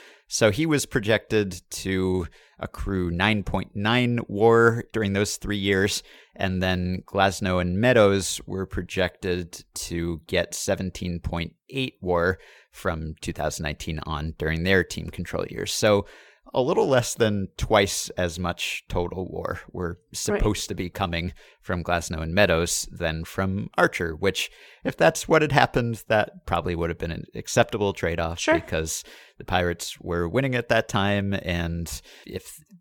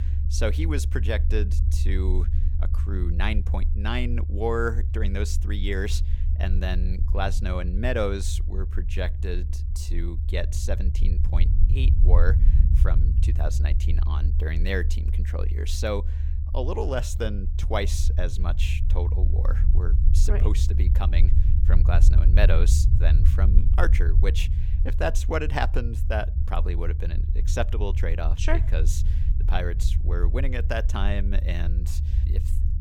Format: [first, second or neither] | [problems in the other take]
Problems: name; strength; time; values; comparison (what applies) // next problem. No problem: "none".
first | low rumble; noticeable; throughout; 10 dB below the speech